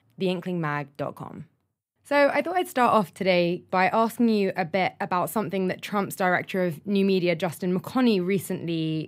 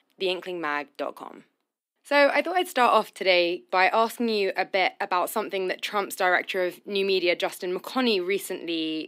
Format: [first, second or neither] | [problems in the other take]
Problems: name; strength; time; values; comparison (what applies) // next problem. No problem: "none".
first | thin; somewhat; fading below 250 Hz